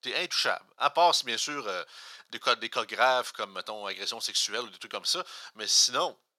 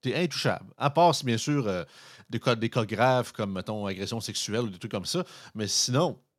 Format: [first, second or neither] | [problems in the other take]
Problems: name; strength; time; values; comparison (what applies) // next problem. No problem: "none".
second | thin; very; fading below 650 Hz